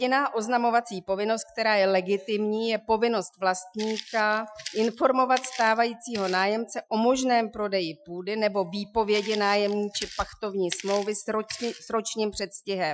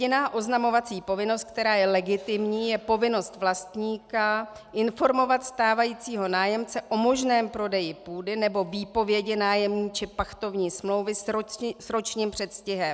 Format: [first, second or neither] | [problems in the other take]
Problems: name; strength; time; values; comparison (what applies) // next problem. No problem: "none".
second | noise reduction (classical method Wiener filter)